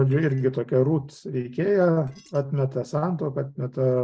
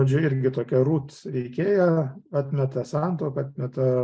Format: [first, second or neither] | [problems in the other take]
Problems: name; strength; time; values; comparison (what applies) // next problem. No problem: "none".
second | noise reduction (neural separator model SepFormer DNS4)